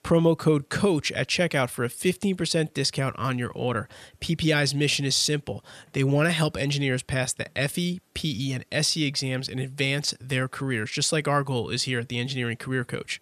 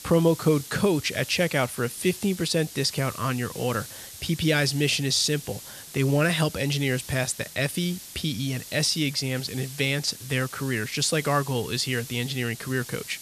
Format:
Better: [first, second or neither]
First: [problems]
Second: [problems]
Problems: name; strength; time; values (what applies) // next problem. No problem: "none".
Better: first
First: none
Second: hiss; noticeable; throughout; 15 dB below the speech